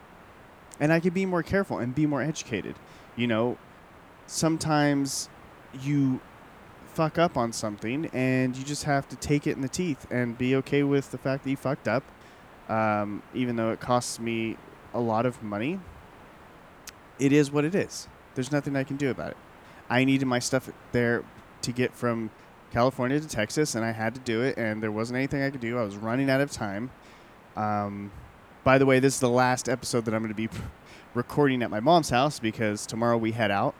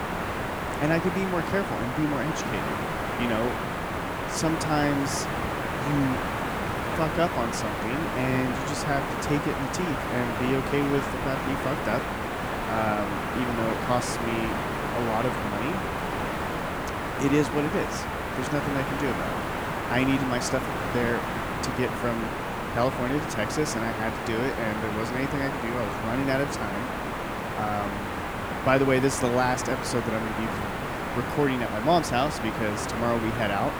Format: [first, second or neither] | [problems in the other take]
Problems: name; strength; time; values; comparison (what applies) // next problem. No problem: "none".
first | hiss; loud; throughout; 1 dB below the speech; faint in the first